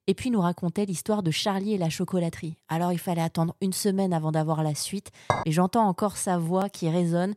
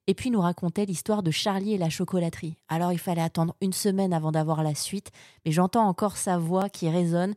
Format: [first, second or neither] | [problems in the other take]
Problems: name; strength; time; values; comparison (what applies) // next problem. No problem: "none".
second | clattering dishes; noticeable; at 5.5 s; peak 2 dB below the speech